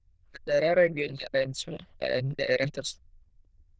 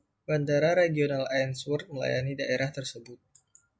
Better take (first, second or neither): second